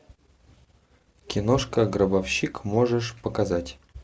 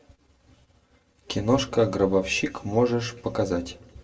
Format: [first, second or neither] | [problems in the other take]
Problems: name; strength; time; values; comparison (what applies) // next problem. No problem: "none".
first | room echo; dies away in 1.3 s